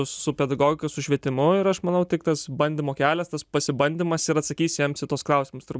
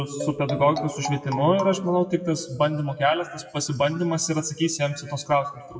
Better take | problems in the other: first | noise reduction (classical method WPE with log-MMSE)

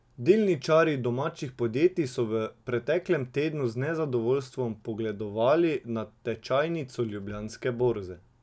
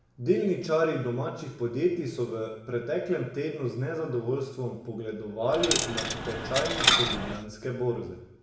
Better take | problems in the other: first | background sound (Coin (dropping)); 2 dB above the speech // room echo; dies away in 0.8 s

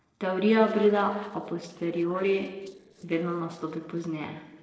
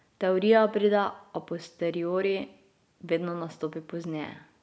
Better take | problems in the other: second | noise reduction (neural separator model SepFormer DNS4)

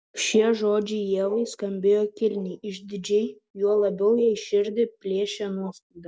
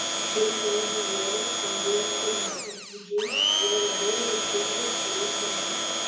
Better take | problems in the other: first | background sound (Domestic sounds, home sounds); 4 dB above the speech // room echo; dies away in 0.6 s

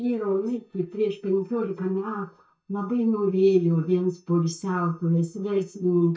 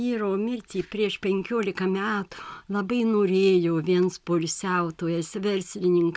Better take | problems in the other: second | noise reduction (neural mask model DeepFilterNet 3)

